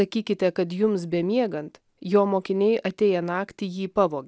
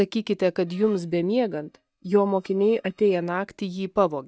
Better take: first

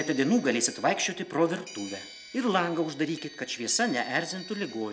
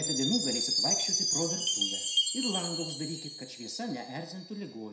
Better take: first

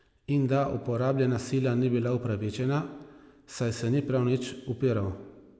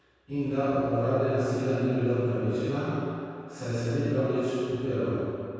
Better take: first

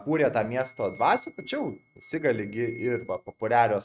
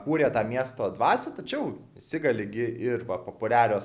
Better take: second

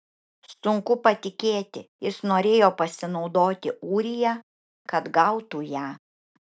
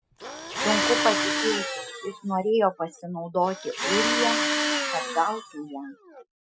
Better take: first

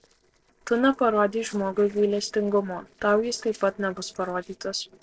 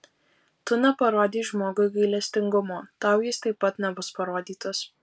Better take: second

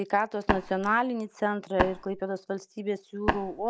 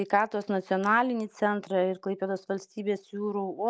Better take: second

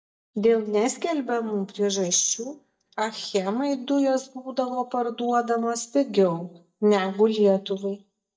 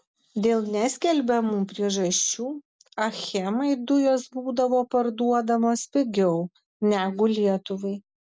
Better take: second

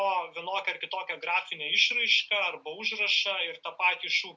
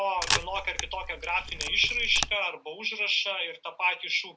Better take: first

